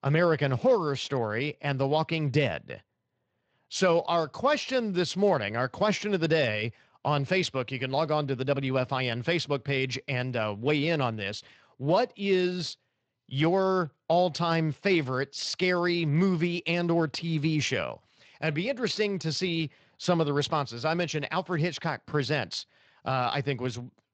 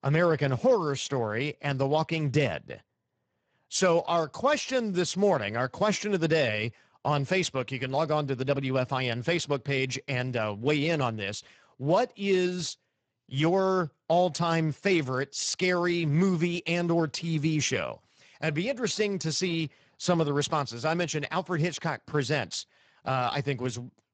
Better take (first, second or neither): first